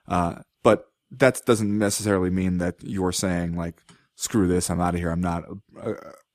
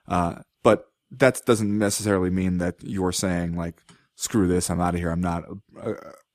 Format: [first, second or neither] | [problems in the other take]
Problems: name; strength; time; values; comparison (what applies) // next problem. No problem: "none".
neither | none